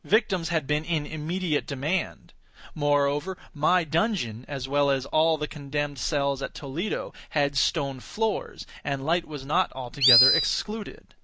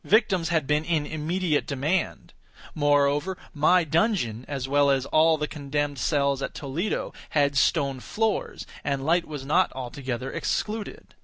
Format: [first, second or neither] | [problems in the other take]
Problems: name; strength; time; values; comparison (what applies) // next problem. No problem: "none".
second | background sound (Animal); 5 dB above the speech